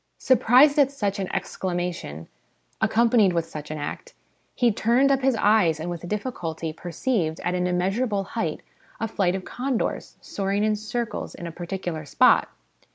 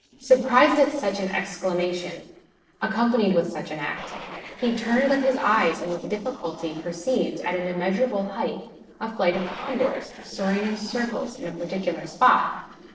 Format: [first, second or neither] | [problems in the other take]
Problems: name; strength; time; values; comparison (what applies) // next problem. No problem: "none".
first | noise reduction (neural separator model SepFormer DNS4)